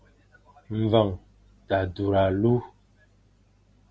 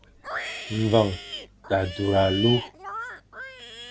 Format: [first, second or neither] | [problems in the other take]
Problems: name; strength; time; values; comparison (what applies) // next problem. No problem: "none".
first | background sound (Livestock, farm animals, working animals); 10 dB below the speech